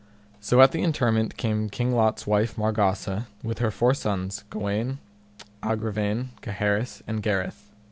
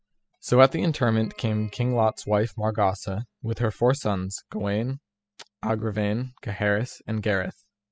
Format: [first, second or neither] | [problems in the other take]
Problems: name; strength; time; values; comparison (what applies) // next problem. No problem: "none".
first | noise reduction (classical method spectral subtraction)